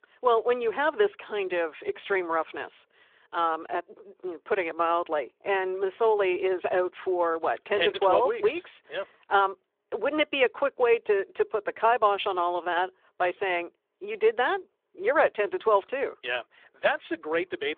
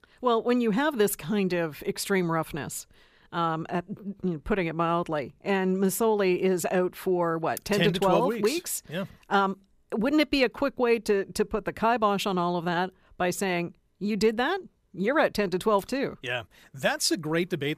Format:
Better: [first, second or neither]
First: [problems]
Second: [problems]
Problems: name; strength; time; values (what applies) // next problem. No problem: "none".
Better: second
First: phone-call audio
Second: none